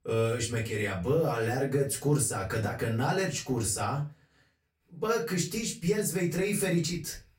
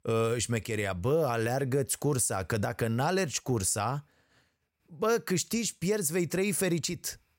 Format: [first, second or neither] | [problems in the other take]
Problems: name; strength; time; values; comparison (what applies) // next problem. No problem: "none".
second | off-mic speech; far // room echo; very slight; dies away in 0.3 s